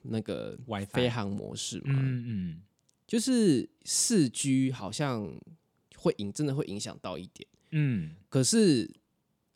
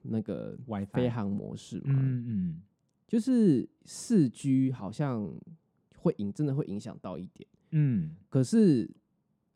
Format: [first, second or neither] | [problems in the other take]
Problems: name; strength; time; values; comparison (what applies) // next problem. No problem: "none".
first | muffled; slightly; fading above 2 kHz